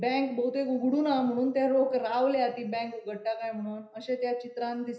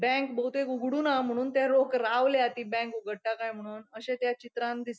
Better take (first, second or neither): second